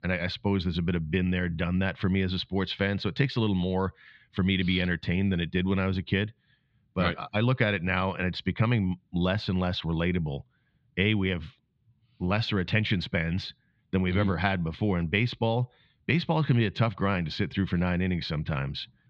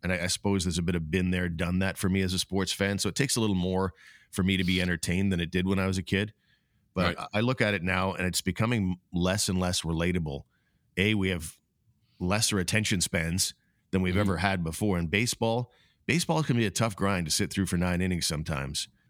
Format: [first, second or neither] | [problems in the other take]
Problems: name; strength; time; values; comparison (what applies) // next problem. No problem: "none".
second | muffled; slightly; fading above 4 kHz